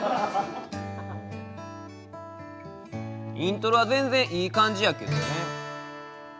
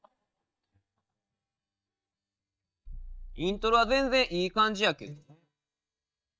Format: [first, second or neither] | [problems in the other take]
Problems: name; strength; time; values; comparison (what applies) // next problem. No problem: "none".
first | noise reduction (neural mask model DeepFilterNet 3)